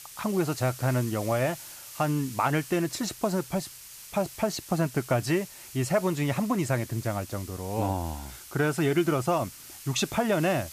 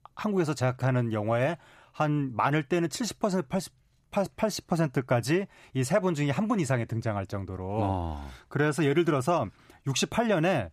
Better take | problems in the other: second | hiss; noticeable; throughout; 15 dB below the speech

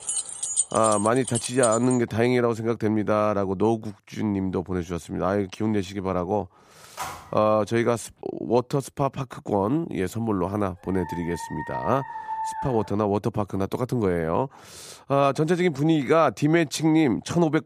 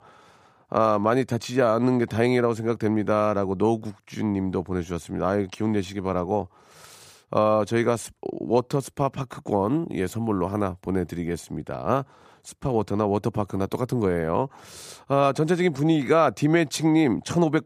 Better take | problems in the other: second | jangling keys; loud; until 2 s; peak level with the speech // phone ringing; faint; at 7 s; peak 10 dB below the speech // dog barking; noticeable; from 11 to 13 s; peak 6 dB below the speech

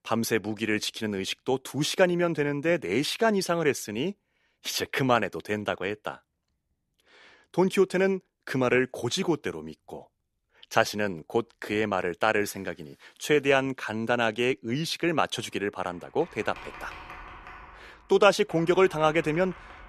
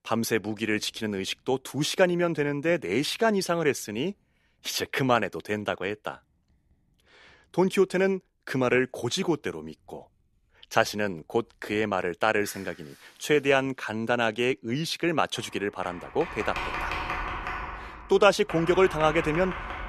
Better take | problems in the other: first | household noises; loud; throughout; 9 dB below the speech; faint in the first

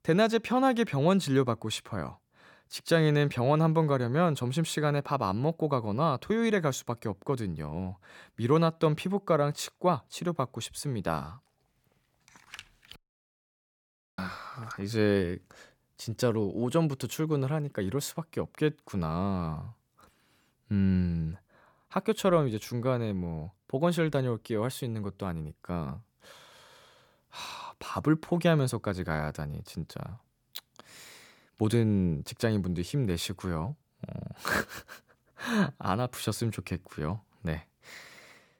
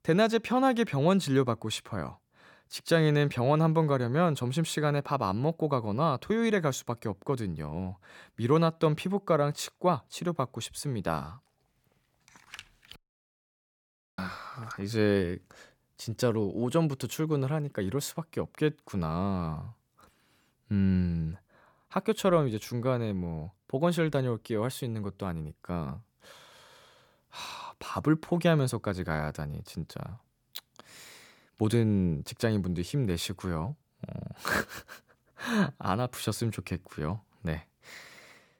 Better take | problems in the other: neither | audio cutting out; at 13 s for 1 s; the same in both

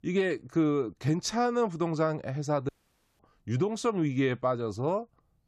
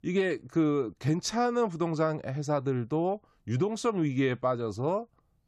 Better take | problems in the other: second | audio cutting out; at 2.5 s for 0.5 s

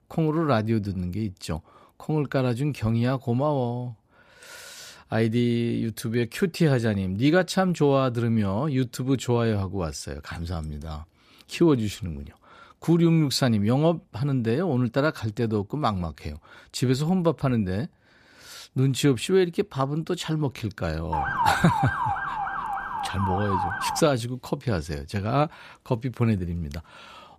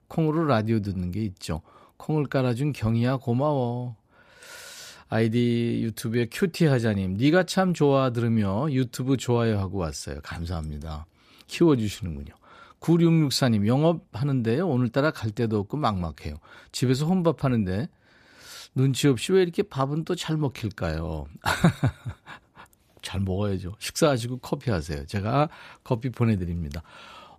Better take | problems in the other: second | siren; loud; from 21 to 24 s; peak 1 dB above the speech

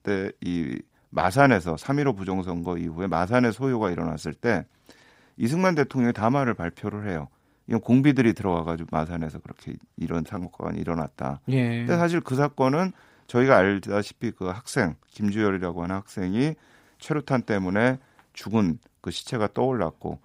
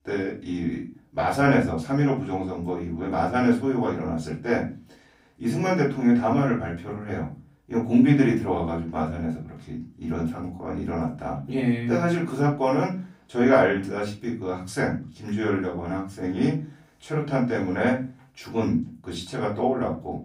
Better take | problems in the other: first | off-mic speech; far // room echo; slight; dies away in 0.3 s

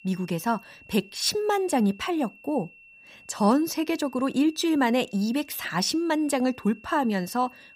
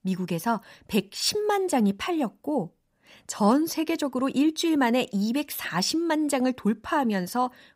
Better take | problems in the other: second | high-pitched whine; faint; throughout; 2.5 kHz, 25 dB below the speech

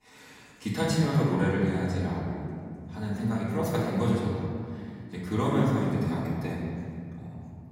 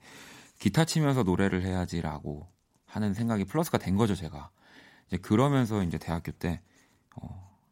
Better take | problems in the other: second | off-mic speech; far // room echo; noticeable; dies away in 2.2 s

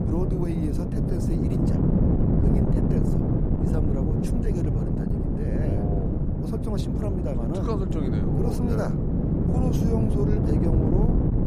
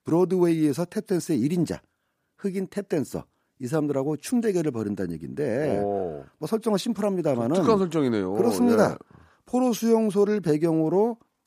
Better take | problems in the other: second | wind noise on the microphone; heavy; 3 dB above the speech

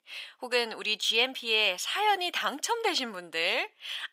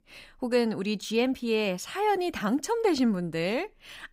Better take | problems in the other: second | thin; very; fading below 750 Hz

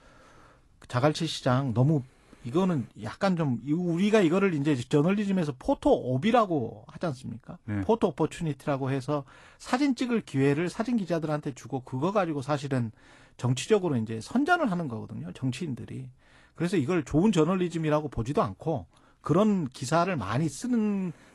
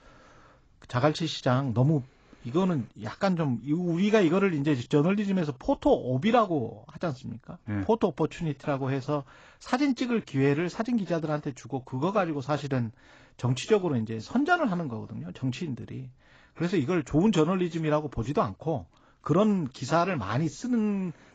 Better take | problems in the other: first | garbled, watery; badly; nothing above 7.5 kHz; slightly in the first

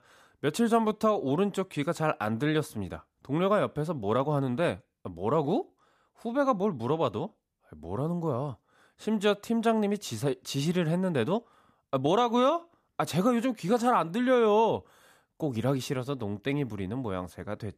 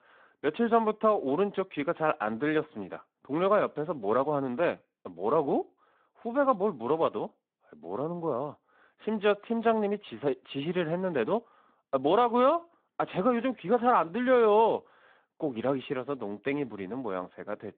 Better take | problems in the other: first | phone-call audio; nothing above 3.5 kHz

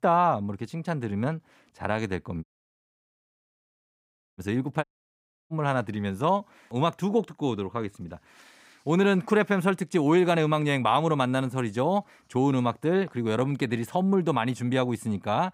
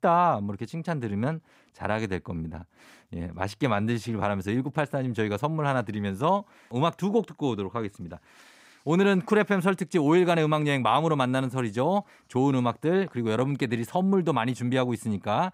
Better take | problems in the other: second | audio cutting out; at 2.5 s for 2 s and at 5 s for 0.5 s

